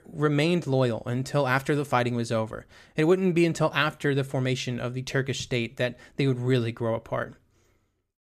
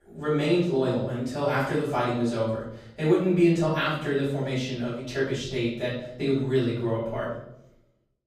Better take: first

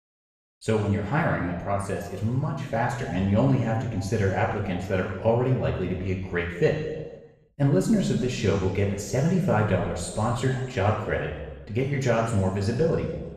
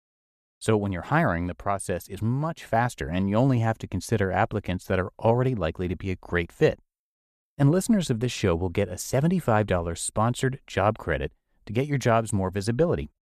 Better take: second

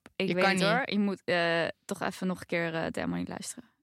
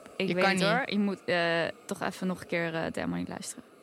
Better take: first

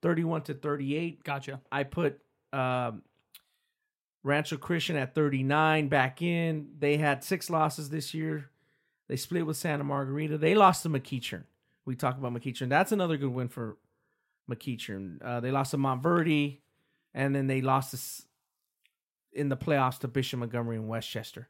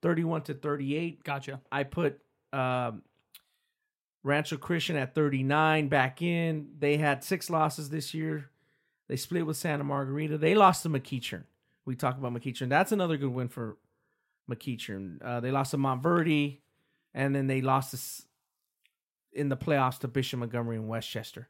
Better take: neither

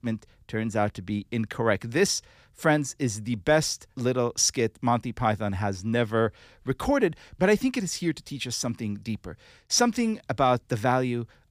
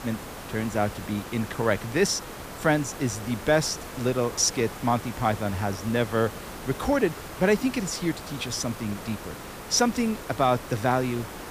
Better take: first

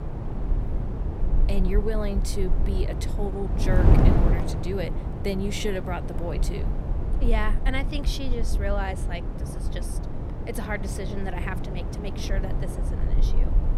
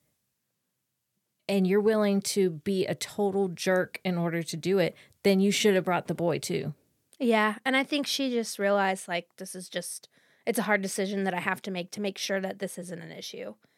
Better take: second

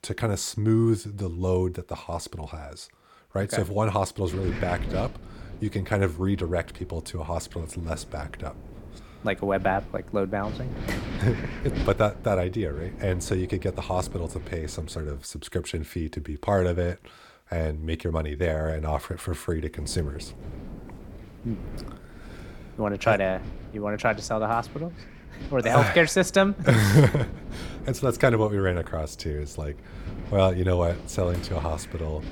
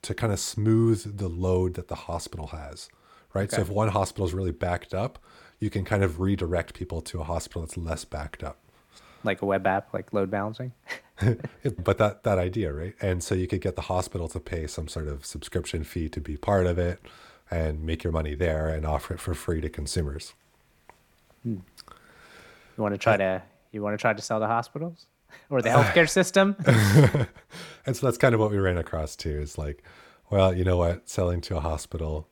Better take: second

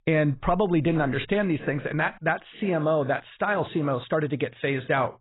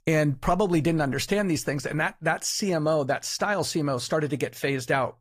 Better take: second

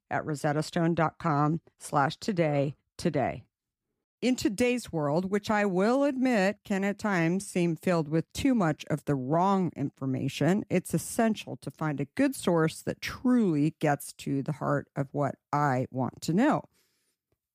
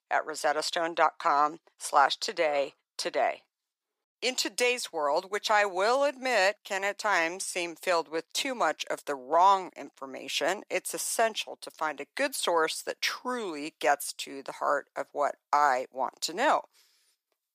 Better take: first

